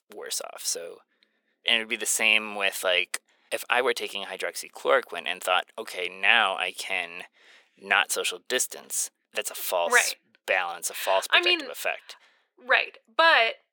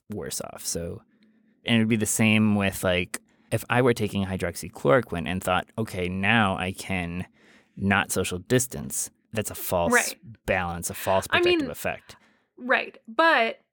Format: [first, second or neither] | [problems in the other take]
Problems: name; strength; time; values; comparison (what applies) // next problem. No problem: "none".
second | thin; very; fading below 500 Hz